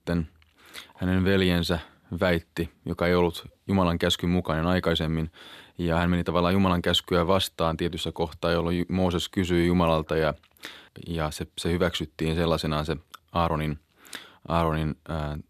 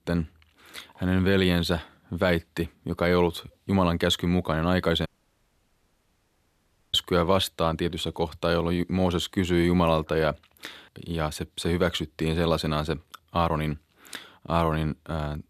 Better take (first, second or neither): first